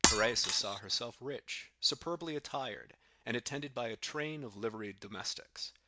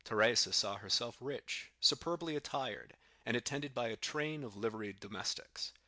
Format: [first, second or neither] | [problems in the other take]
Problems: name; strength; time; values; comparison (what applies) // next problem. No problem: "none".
second | background sound (Shatter); 4 dB above the speech